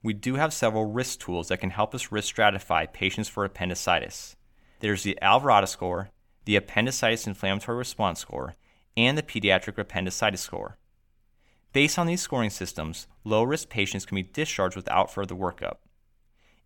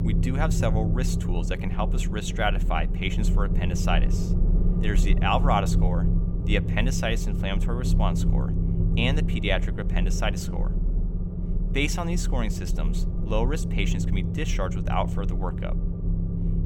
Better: first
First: none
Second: low rumble; loud; throughout; 8 dB below the speech

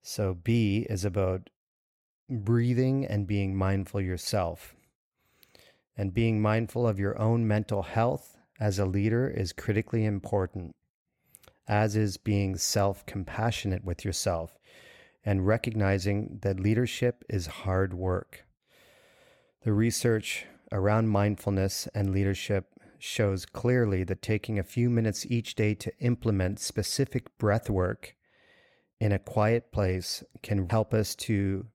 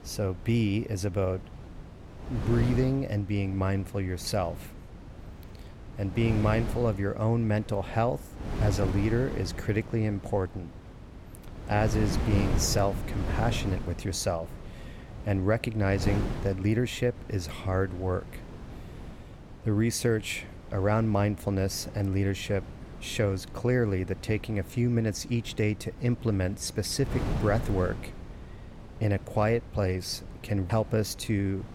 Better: first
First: none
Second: wind noise on the microphone; occasional gusts; 10 dB below the speech

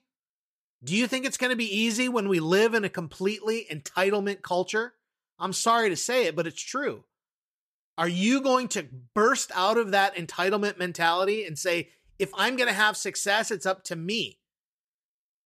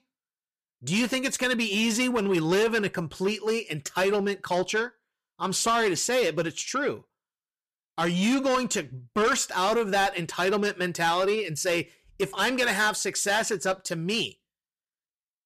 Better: first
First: none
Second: distortion; slight; 10 dB below the speech

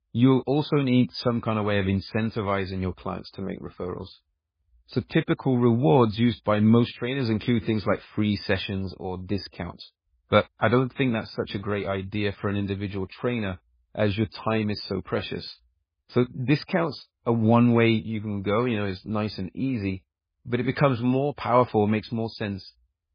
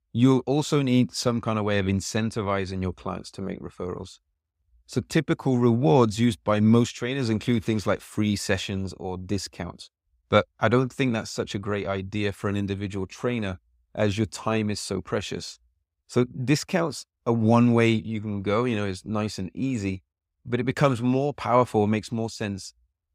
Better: second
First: garbled, watery; badly; nothing above 5 kHz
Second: none

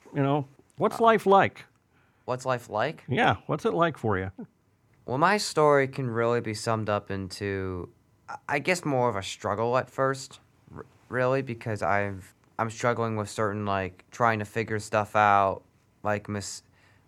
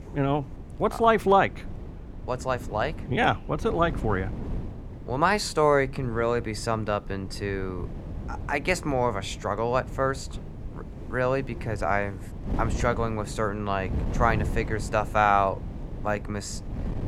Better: first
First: none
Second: wind noise on the microphone; occasional gusts; 20 dB below the speech

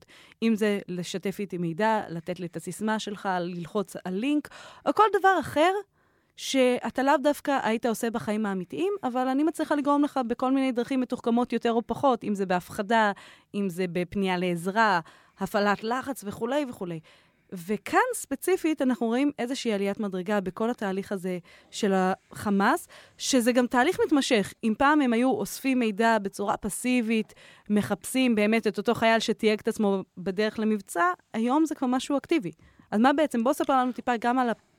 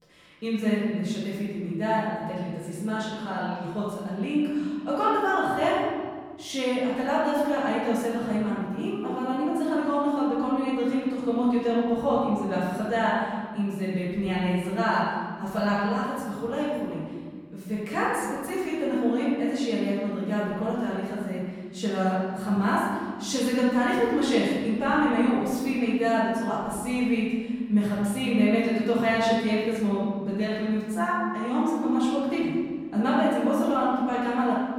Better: first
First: none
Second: room echo; strong; dies away in 1.9 s // off-mic speech; far

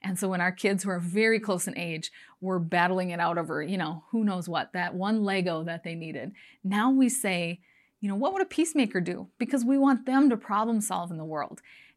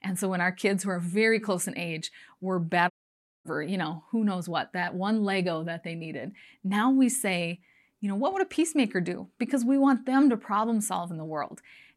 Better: first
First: none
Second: audio cutting out; at 3 s for 0.5 s

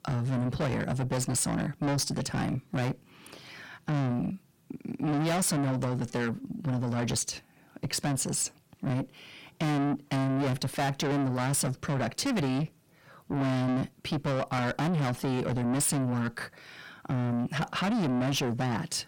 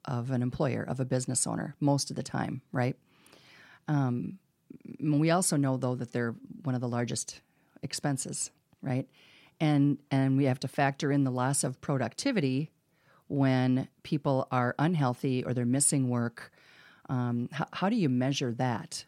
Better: second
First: distortion; heavy; 5 dB below the speech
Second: none

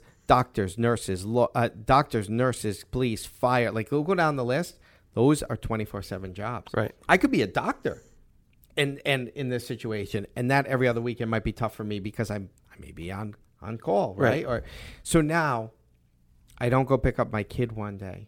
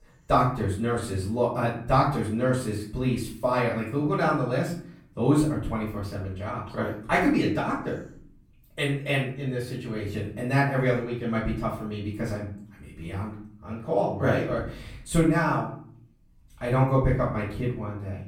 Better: first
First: none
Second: off-mic speech; far // room echo; noticeable; dies away in 0.5 s

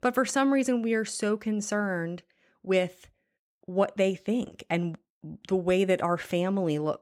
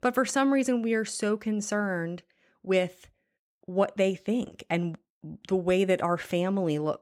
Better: neither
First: none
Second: none

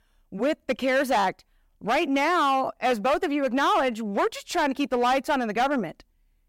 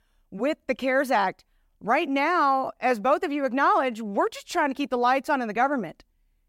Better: second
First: distortion; slight; 9% of the sound clipped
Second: none

